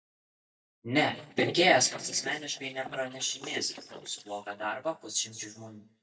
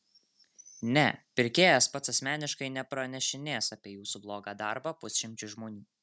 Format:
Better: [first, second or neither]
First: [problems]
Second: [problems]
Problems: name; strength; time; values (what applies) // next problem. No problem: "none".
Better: second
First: noise reduction (neural mask model DeepFilterNet 3)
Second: none